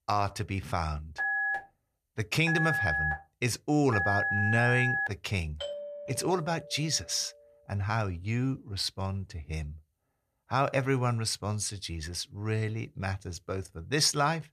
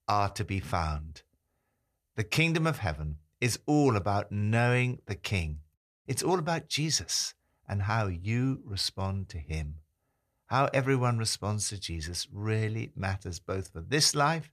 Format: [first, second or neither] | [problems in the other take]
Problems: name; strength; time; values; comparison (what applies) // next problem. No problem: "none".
second | phone ringing; loud; from 1 to 5 s; peak 3 dB above the speech // doorbell; noticeable; from 5.5 to 7 s; peak 7 dB below the speech